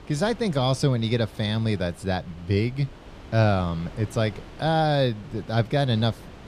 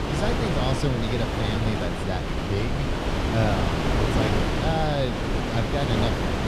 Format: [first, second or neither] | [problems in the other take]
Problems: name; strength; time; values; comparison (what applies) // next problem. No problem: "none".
first | wind noise on the microphone; heavy; 3 dB above the speech; occasional gusts in the first